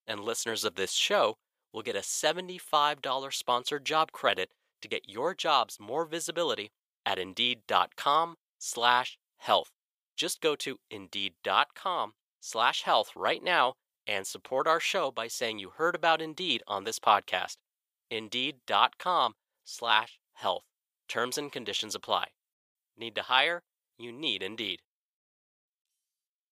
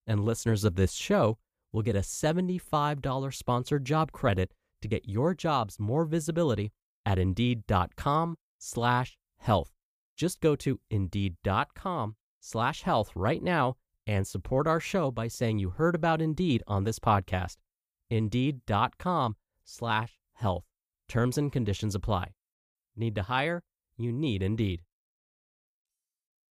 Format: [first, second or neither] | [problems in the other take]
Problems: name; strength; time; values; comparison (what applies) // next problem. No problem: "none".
second | thin; very; fading below 600 Hz